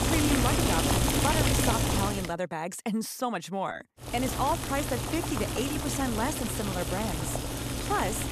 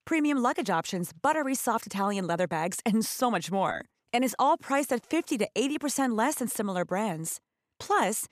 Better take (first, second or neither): second